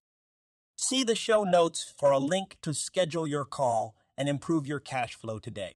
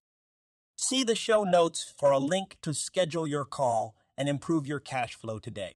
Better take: neither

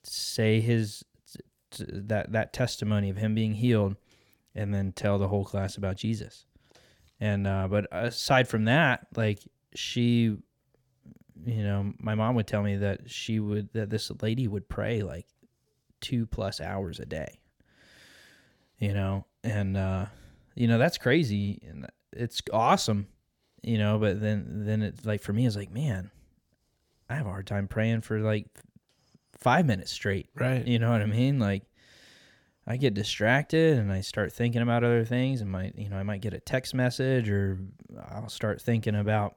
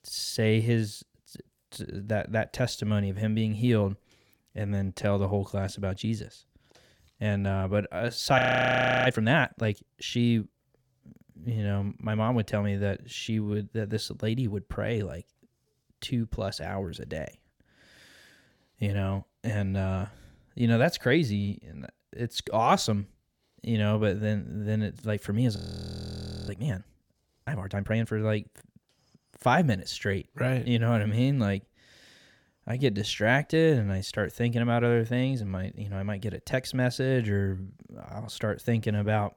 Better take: first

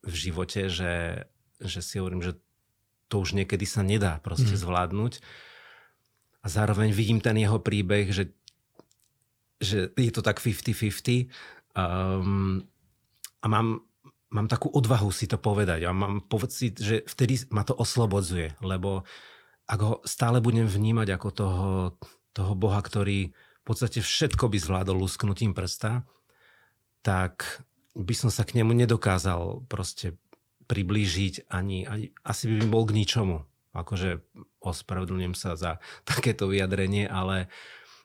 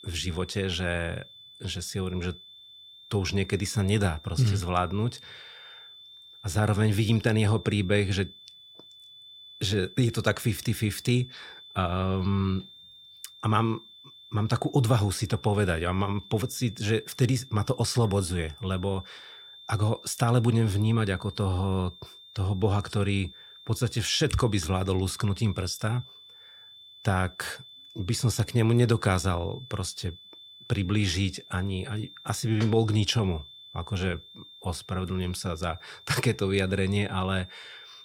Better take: first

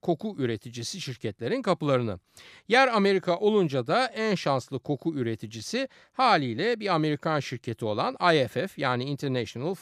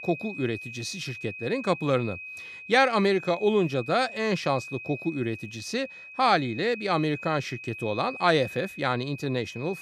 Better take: first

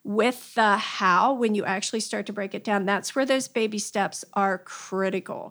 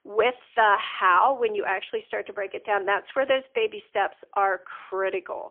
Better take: first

